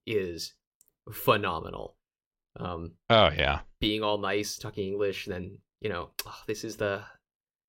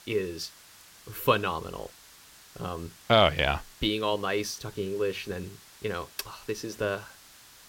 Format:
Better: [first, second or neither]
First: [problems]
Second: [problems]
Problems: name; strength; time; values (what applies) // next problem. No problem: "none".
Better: first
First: none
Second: hiss; faint; throughout; 20 dB below the speech